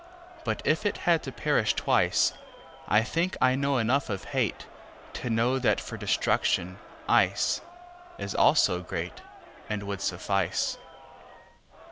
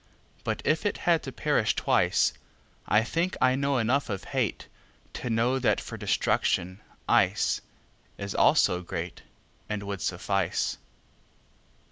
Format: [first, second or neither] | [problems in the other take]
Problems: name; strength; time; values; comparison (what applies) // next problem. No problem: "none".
second | background sound (Crowd); 19 dB below the speech